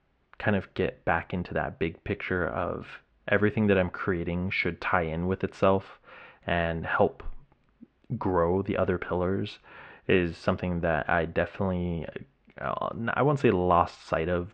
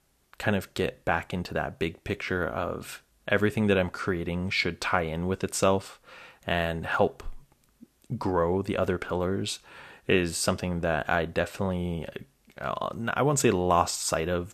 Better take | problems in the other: second | muffled; very; fading above 2.5 kHz

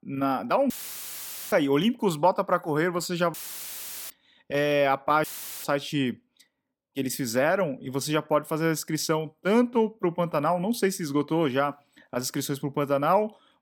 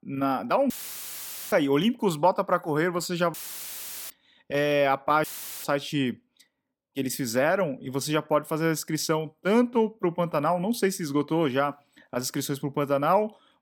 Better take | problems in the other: neither | audio cutting out; filled with static; at 0.5 s for 1 s, at 3.5 s for 1 s and at 5 s; the same in both

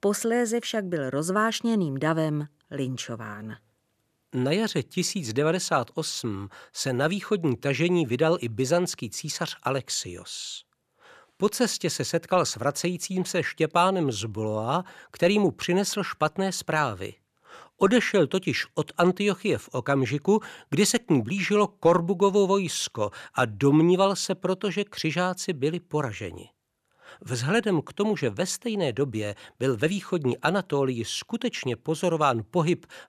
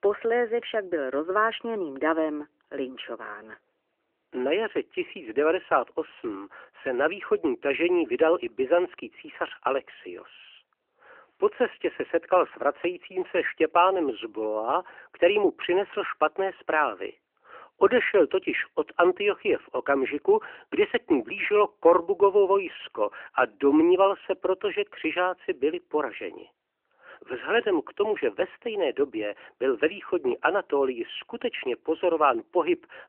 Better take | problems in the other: first | phone-call audio; nothing above 3 kHz

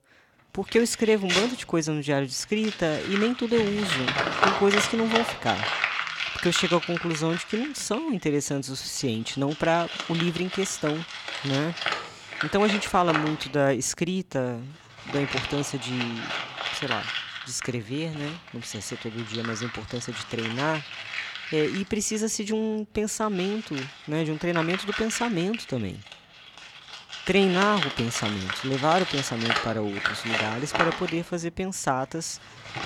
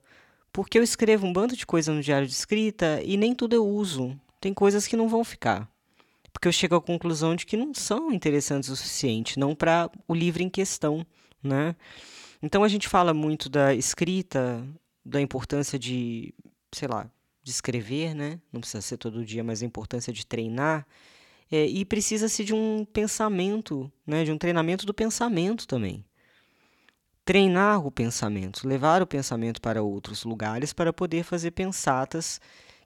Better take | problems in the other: second | household noises; loud; throughout; 3 dB below the speech

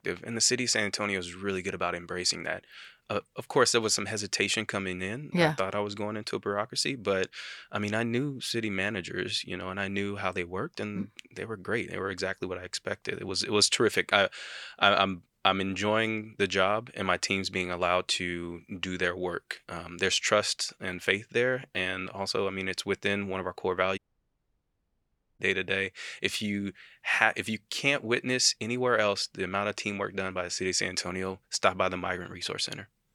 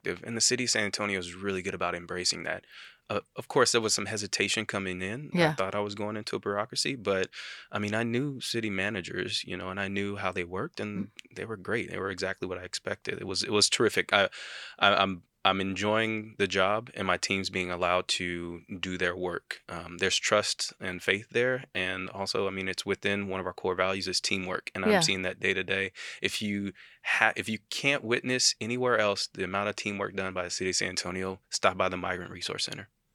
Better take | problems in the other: second | audio cutting out; at 24 s for 1.5 s

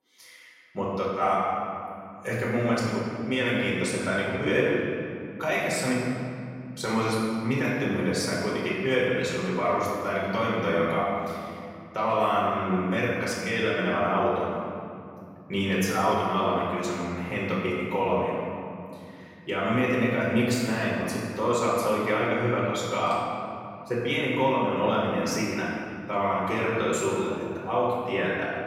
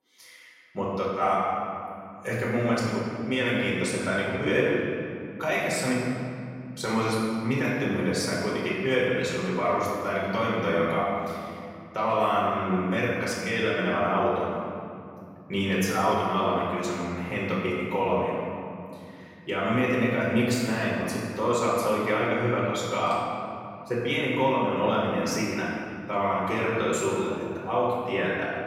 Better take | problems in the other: neither | off-mic speech; far; the same in both // room echo; strong; dies away in 2.4 s; the same in both

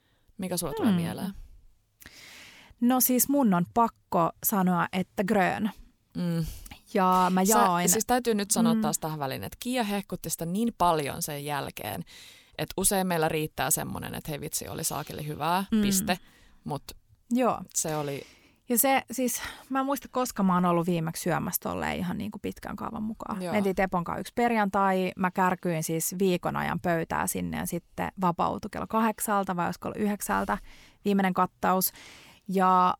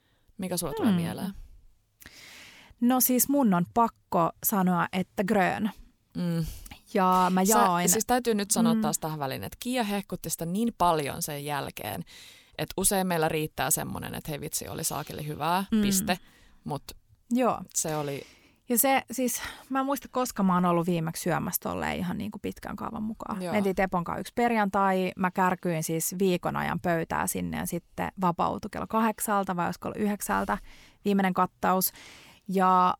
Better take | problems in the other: neither | none

